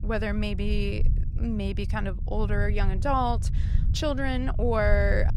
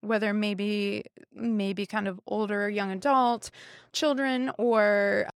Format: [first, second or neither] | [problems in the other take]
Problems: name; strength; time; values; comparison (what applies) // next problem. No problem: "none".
second | low rumble; noticeable; throughout; 15 dB below the speech